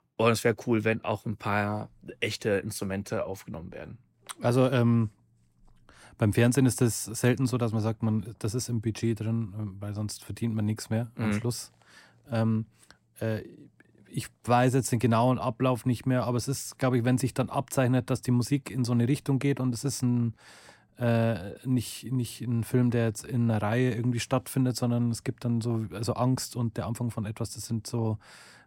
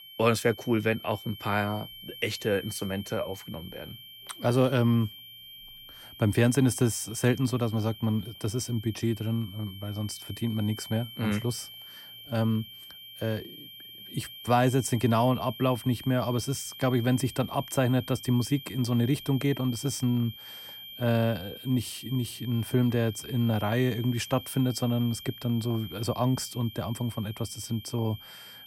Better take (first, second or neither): first